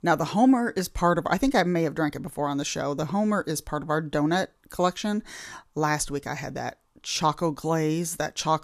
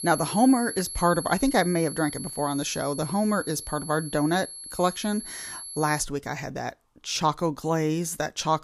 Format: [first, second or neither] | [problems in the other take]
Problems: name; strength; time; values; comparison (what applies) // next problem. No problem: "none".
first | high-pitched whine; loud; until 6 s; 11 kHz, 9 dB below the speech